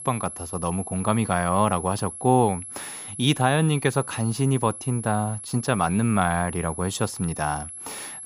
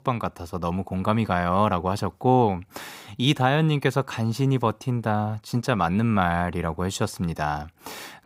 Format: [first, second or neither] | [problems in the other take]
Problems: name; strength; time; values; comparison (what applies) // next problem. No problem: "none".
second | high-pitched whine; noticeable; throughout; 11 kHz, 10 dB below the speech